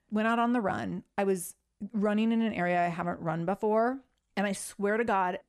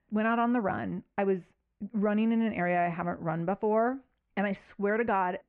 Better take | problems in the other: first | muffled; very; fading above 2.5 kHz

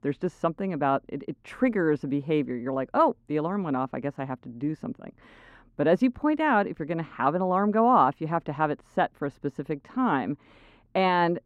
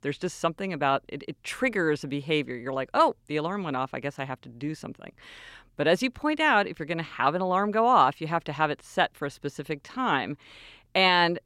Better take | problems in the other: second | muffled; slightly; fading above 2 kHz

